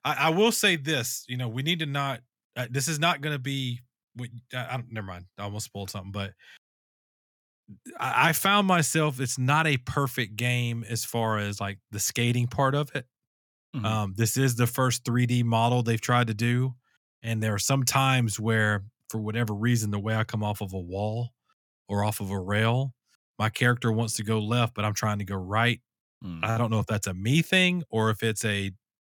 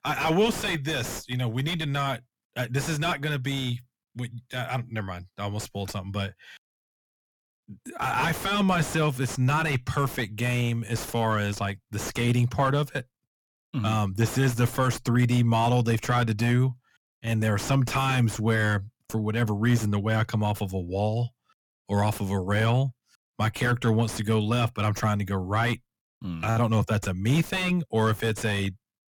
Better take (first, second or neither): first